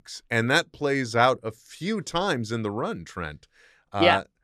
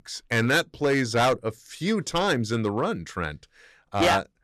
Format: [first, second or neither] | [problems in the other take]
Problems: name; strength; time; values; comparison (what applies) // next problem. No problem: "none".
first | distortion; heavy; 6% of the sound clipped